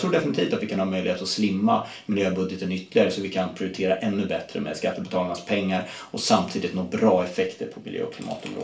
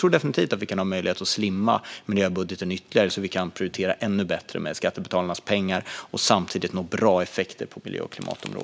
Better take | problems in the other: second | room echo; dies away in 0.3 s

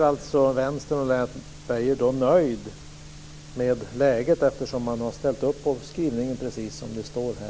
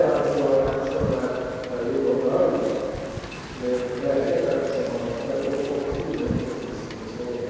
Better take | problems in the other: first | background sound (Wind); 10 dB below the speech // room echo; dies away in 2.2 s

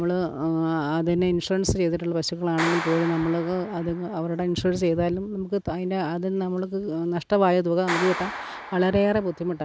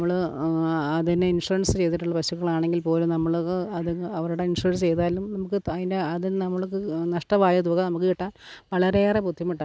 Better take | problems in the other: second | background sound (Clapping); 13 dB below the speech

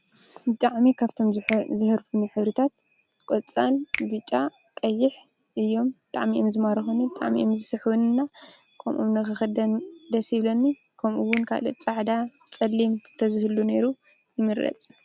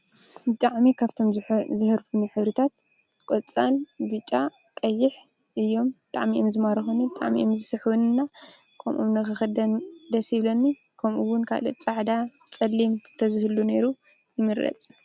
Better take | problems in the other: second | background sound (Finger snapping); 16 dB below the speech

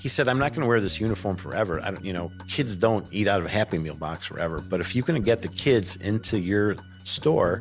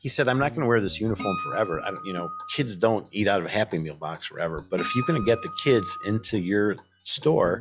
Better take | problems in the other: first | noise reduction (classical method log-MMSE)

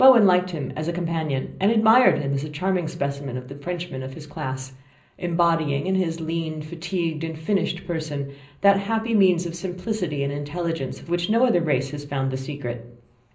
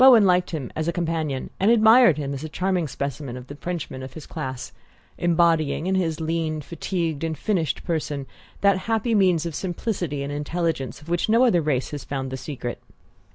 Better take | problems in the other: second | room echo; dies away in 0.5 s

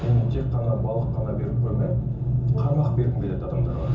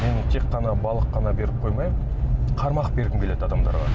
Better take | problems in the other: second | background sound (Wind instrument, woodwind instrument); 19 dB below the speech // room echo; dies away in 0.6 s

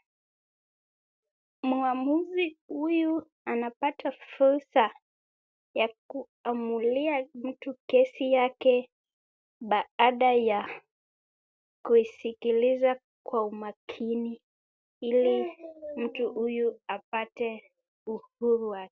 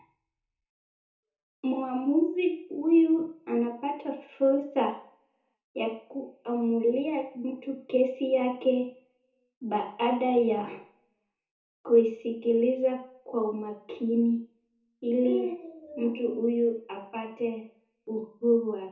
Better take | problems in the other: first | room echo; dies away in 0.6 s

